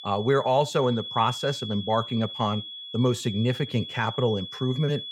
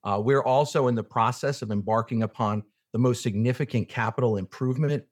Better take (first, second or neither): second